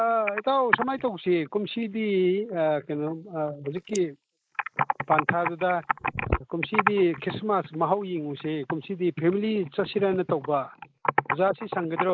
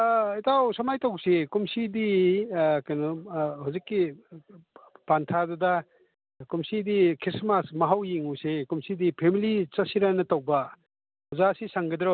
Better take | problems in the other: second | noise reduction (neural mask model Resemble Enhance denoiser)

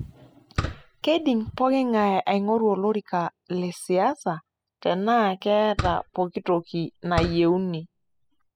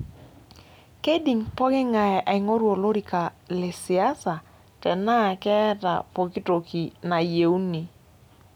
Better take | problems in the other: second | noise reduction (classical method spectral subtraction)

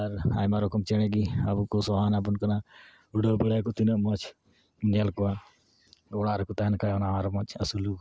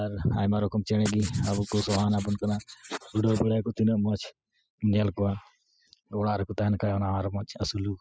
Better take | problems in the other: first | noise reduction (classical method spectral subtraction)

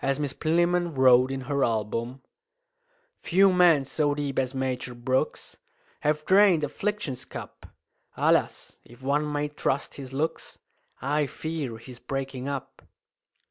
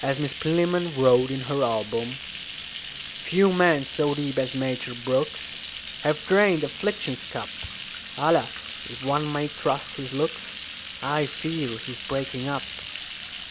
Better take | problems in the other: first | background sound (Bathtub (filling or washing)); 11 dB below the speech

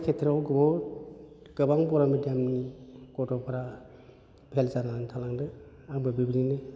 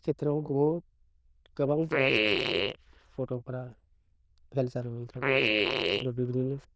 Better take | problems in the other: first | noise reduction (neural diffusion model UNIVERSE++)

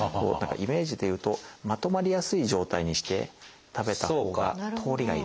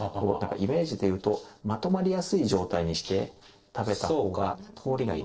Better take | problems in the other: first | noise reduction (neural separator model SepFormer DNS4)

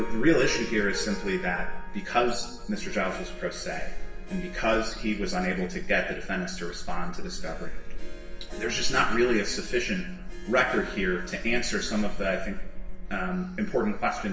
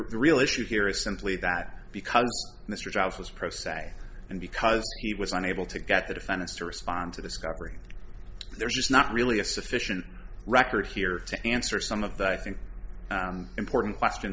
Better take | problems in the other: second | background sound (Harp); 18 dB below the speech // room echo; dies away in 0.9 s

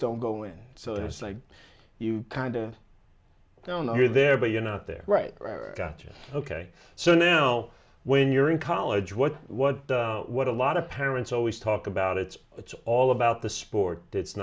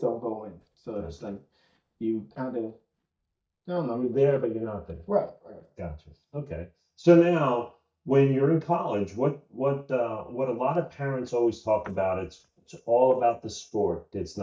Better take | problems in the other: first | noise reduction (neural mask model DeepFilterNet 3)

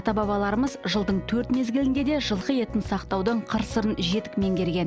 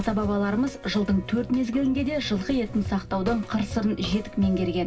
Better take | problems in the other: first | background sound (Walk, footsteps); 18 dB below the speech // room echo; dies away in 0.4 s

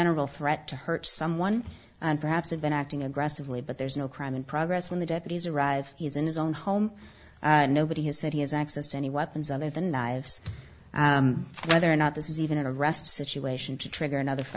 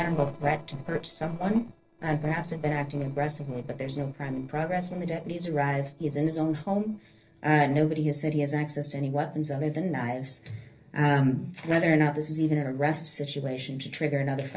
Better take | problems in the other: first | noise reduction (neural separator model SepFormer DNS4)

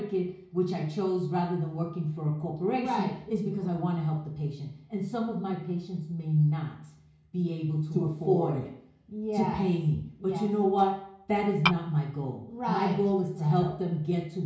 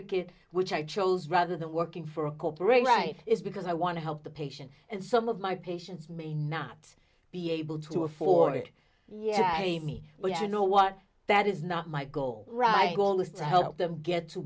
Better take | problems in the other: second | background sound (Tap / Glass); as loud as the speech // room echo; dies away in 0.6 s

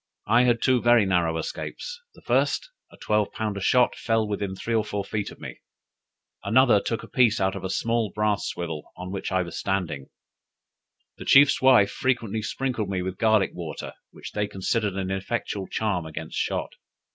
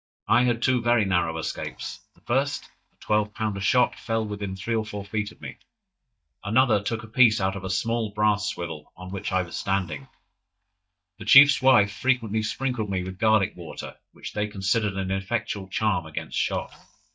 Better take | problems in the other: first | noise reduction (neural mask model DeepFilterNet 3)

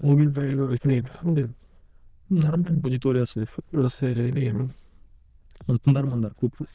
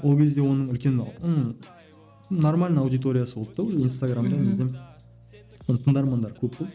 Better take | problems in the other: second | noise reduction (neural diffusion model UNIVERSE++)

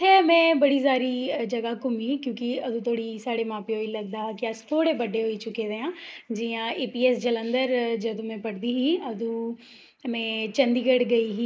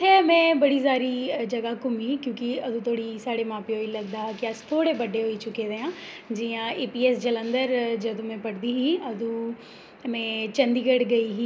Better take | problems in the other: second | noise reduction (neural mask model Resemble Enhance denoiser)

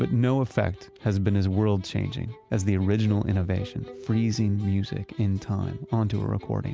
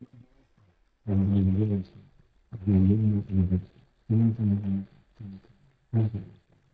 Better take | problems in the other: first | noise reduction (neural mask model DeepFilterNet 3)

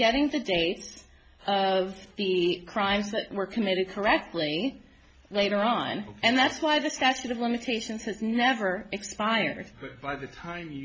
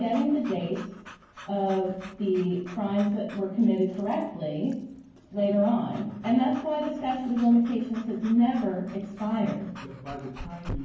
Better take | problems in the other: first | background sound (Dog / Breathing); 19 dB below the speech // room echo; dies away in 0.9 s

